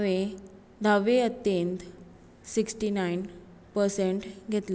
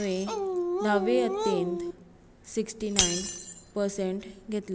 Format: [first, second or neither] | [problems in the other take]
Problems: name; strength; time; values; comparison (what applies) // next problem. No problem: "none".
first | background sound (Shatter + Dog); 1 dB below the speech